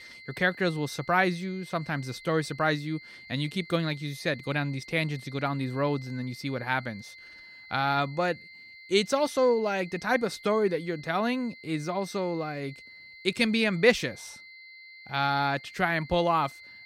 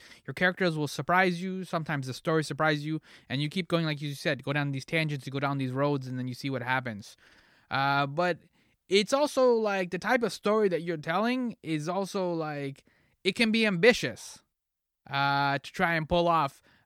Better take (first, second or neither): second